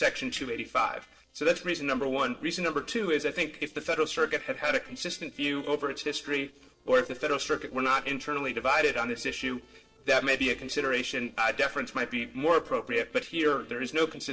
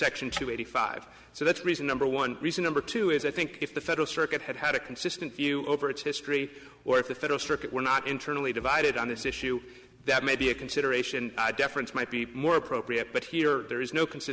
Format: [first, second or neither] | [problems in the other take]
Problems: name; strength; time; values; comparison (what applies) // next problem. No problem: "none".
second | noise reduction (neural separator model SepFormer DNS4)